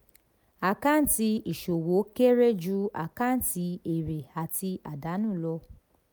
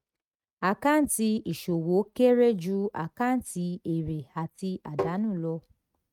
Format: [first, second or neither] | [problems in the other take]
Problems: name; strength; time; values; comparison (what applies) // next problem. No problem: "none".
first | noise reduction (neural mask model RNNoise)